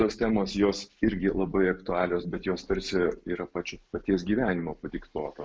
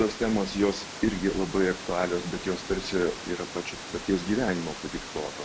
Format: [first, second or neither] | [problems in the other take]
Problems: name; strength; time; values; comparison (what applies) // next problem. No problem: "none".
first | background sound (Water); 11 dB below the speech